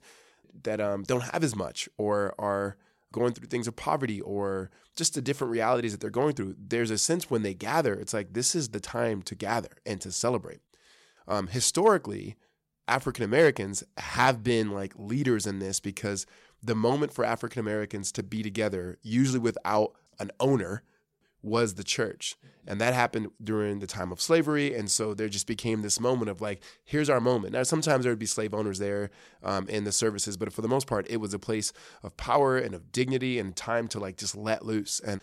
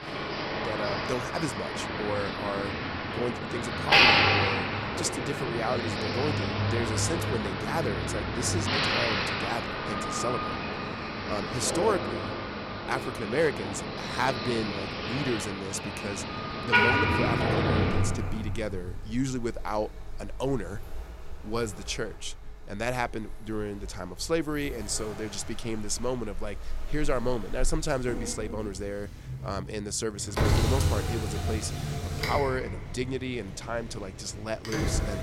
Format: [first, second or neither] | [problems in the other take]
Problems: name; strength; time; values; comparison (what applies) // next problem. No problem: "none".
first | traffic noise; very loud; throughout; 4 dB above the speech